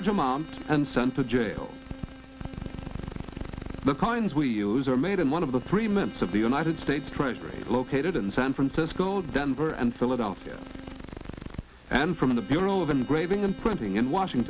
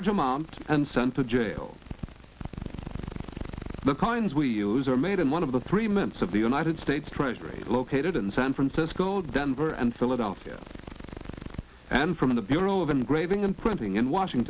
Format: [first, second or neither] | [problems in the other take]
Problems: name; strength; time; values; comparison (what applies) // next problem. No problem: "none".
second | background sound (Bowed string instrument); 18 dB below the speech